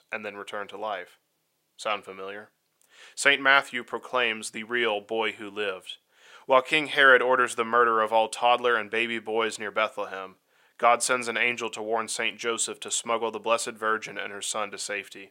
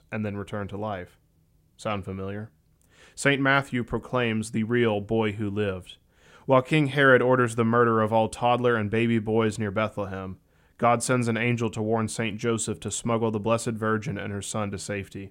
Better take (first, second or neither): second